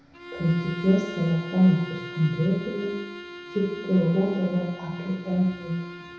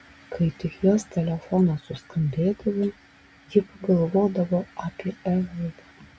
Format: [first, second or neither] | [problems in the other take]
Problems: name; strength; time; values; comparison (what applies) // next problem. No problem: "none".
second | background sound (Bowed string instrument); 13 dB below the speech // room echo; dies away in 1 s